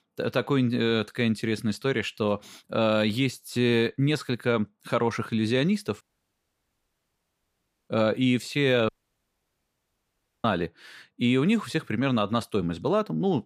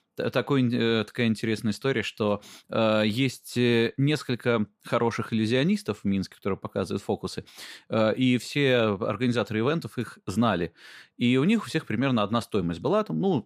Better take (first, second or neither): second